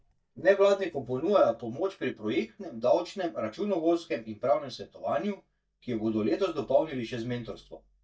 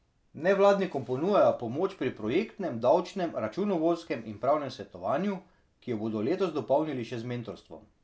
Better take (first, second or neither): second